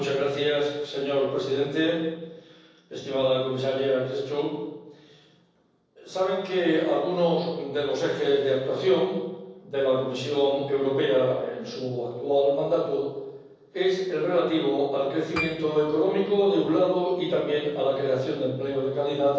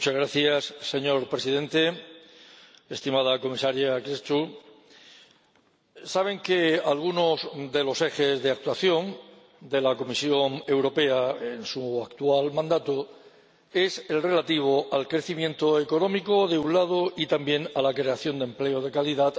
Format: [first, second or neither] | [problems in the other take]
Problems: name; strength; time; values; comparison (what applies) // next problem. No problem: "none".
second | noise reduction (neural separator model SepFormer DNS4)